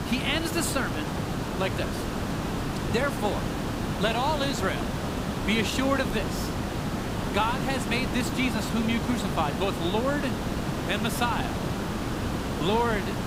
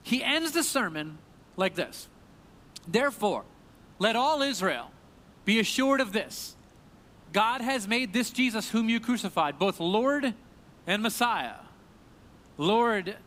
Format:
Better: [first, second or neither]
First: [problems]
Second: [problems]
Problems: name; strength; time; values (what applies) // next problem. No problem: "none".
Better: second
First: hiss; loud; throughout; 2 dB below the speech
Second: hiss; faint; throughout; 30 dB below the speech